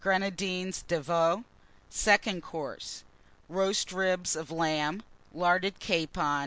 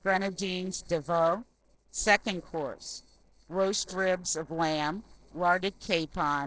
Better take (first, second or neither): first